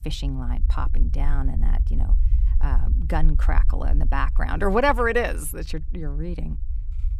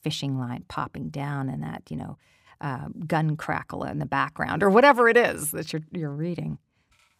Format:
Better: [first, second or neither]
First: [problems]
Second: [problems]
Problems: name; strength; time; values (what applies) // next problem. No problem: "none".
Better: second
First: low rumble; faint; throughout; 20 dB below the speech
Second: none